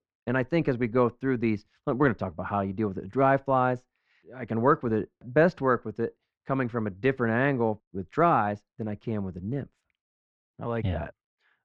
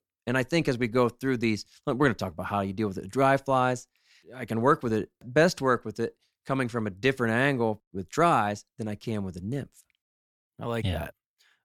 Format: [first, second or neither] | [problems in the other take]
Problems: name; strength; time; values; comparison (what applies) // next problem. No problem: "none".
second | muffled; very; fading above 2 kHz